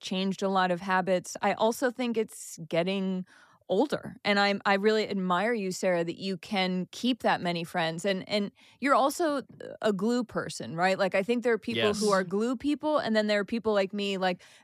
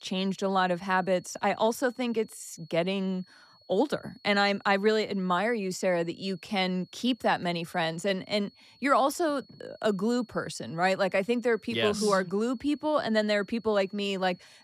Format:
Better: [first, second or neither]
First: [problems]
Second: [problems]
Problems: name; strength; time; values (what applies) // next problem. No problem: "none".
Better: first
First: none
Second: high-pitched whine; faint; throughout; 4.5 kHz, 30 dB below the speech